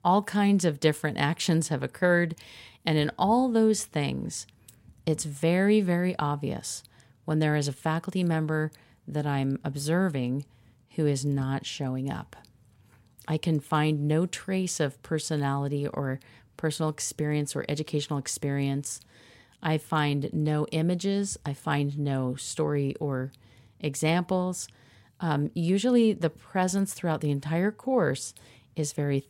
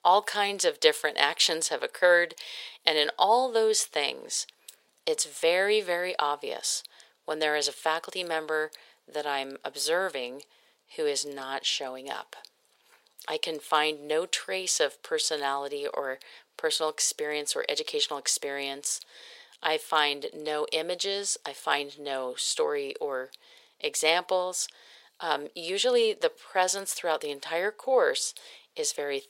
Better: first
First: none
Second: thin; very; fading below 500 Hz

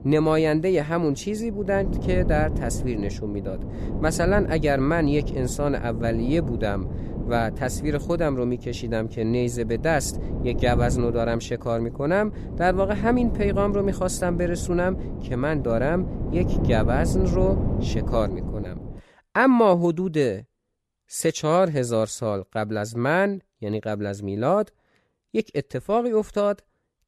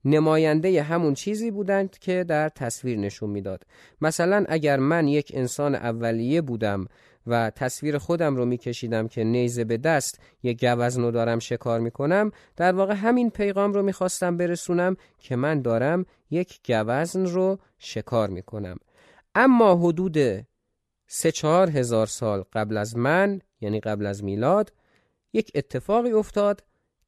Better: second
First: wind noise on the microphone; occasional gusts; until 19 s; 10 dB below the speech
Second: none

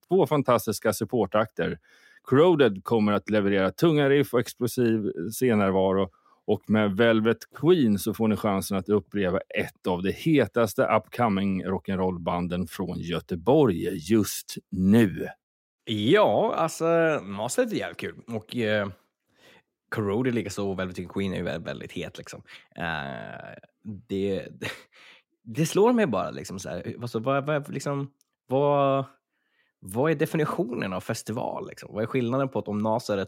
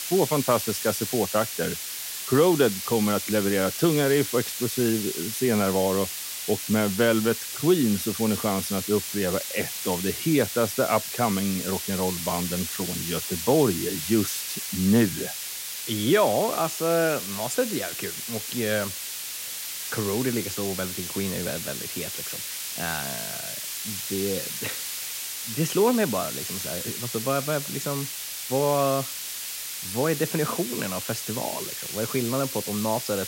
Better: first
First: none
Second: hiss; loud; throughout; 4 dB below the speech

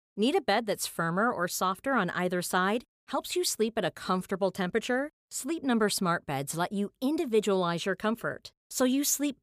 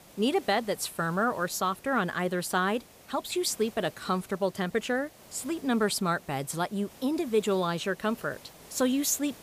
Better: first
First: none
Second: hiss; faint; throughout; 20 dB below the speech

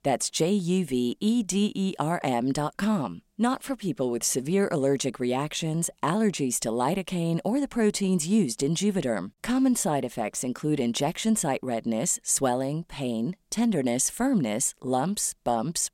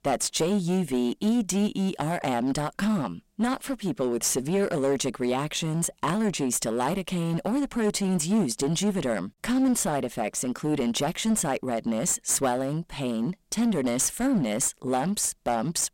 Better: first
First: none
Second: distortion; slight; 10% of the sound clipped

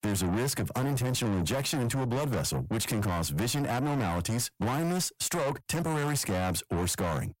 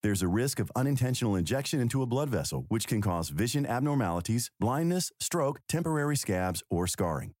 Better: second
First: distortion; heavy; 7 dB below the speech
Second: none

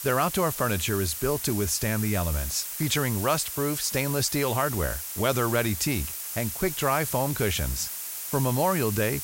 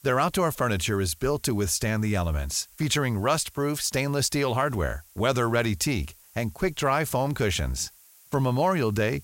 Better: second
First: hiss; loud; throughout; 5 dB below the speech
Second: hiss; faint; throughout; 25 dB below the speech

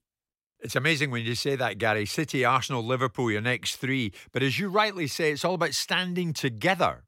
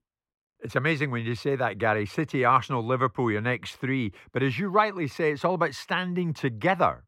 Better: first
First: none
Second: muffled; slightly; fading above 3 kHz

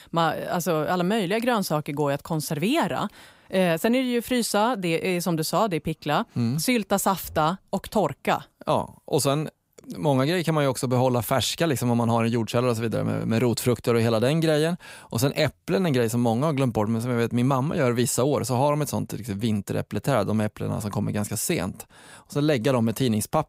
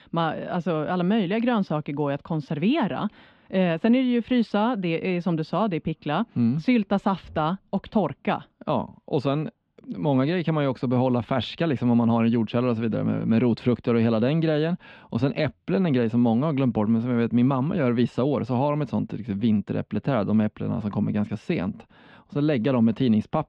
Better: first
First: none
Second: muffled; slightly; fading above 3.5 kHz

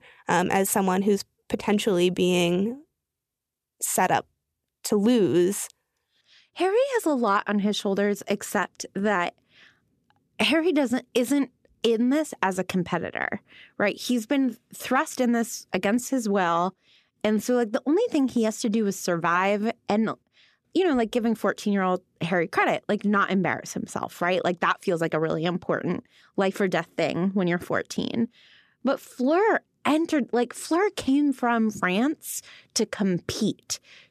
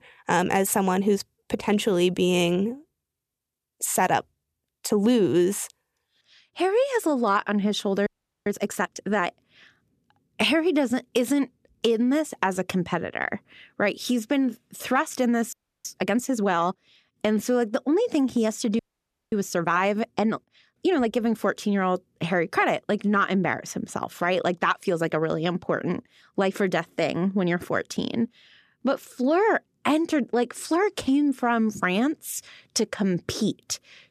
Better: first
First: none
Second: audio freezing; at 8 s, at 16 s and at 19 s for 0.5 s

